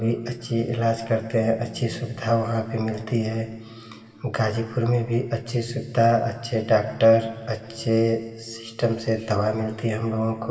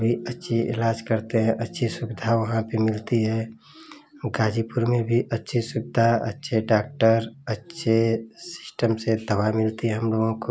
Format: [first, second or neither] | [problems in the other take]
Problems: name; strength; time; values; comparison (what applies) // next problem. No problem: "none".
second | room echo; dies away in 2.3 s